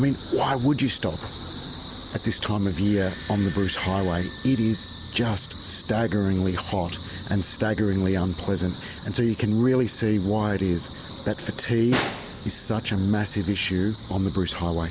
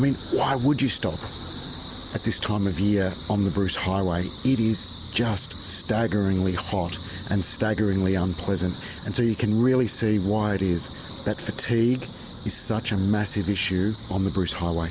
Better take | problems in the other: second | background sound (Bell / Doorbell + Snare drum); 14 dB below the speech

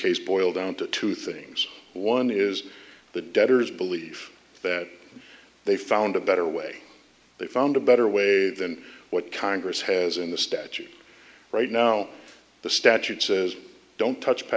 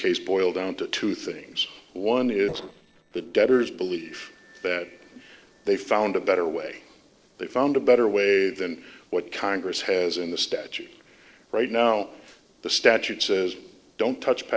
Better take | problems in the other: first | noise reduction (neural separator model SepFormer DNS4)

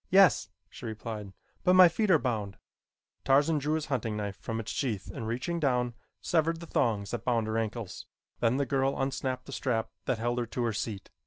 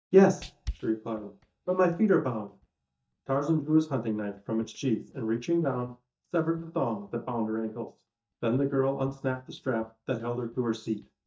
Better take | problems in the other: first | noise reduction (neural mask model DeepFilterNet 3)

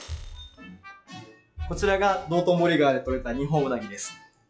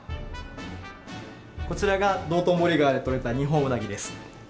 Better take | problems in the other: second | noise reduction (classical method log-MMSE)

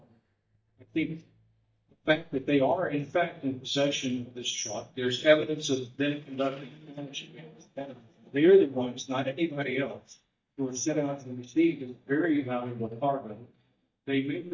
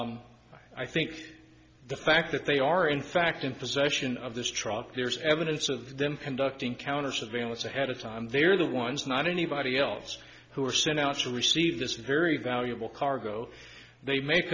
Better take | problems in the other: second | noise reduction (neural mask model DeepFilterNet 3)

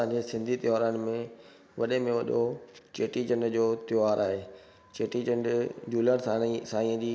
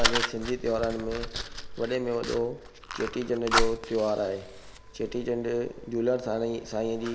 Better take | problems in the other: first | background sound (Fire); 3 dB below the speech

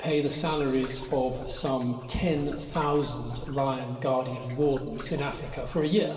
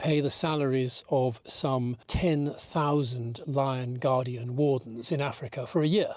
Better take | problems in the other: second | background sound (Liquid); 15 dB below the speech // room echo; dies away in 2 s

